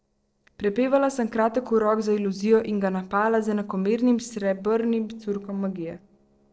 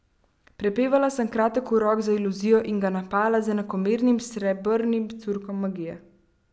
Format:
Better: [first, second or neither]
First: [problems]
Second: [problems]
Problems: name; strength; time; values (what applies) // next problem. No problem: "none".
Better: second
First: noise reduction (neural separator model SepFormer DNS4)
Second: none